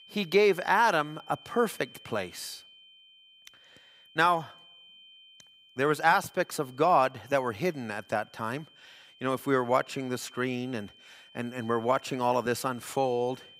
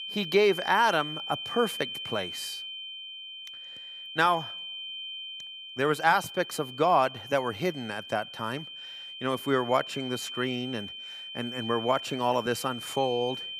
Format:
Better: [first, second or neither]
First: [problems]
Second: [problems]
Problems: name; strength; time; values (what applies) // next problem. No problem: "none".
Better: first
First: high-pitched whine; faint; throughout; 3 kHz, 25 dB below the speech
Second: high-pitched whine; loud; throughout; 3 kHz, 9 dB below the speech